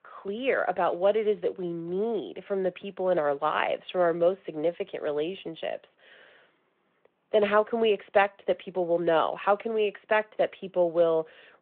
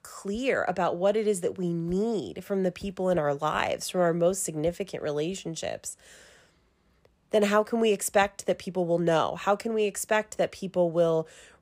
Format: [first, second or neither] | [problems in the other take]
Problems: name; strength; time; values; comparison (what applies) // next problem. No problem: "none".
second | phone-call audio